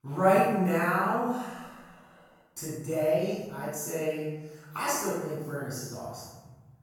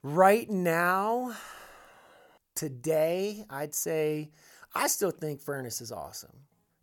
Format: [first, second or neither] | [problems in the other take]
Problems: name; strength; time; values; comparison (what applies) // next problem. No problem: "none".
second | room echo; strong; dies away in 1.1 s // off-mic speech; far